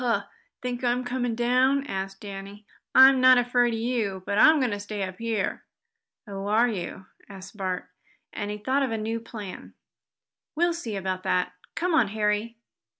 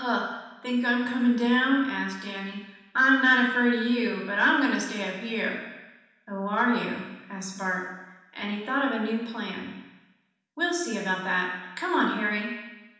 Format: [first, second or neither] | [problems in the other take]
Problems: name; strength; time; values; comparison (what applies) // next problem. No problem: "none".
first | room echo; dies away in 1.1 s